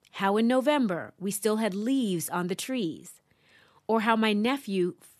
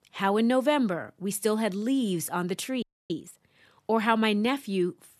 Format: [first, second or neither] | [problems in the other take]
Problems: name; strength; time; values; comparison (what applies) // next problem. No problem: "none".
first | audio freezing; at 3 s